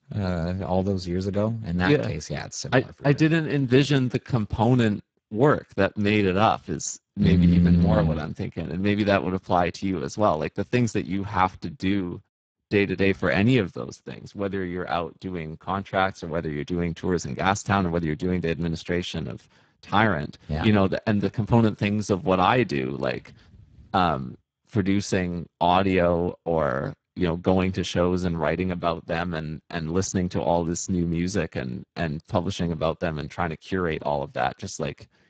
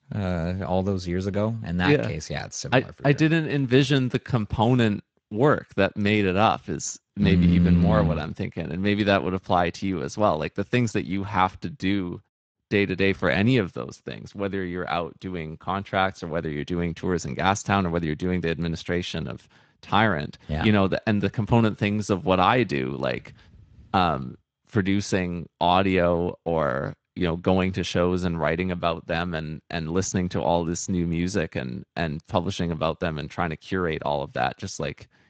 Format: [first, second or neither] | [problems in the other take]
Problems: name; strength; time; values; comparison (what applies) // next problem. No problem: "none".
second | garbled, watery; badly; nothing above 7.5 kHz; slightly in the second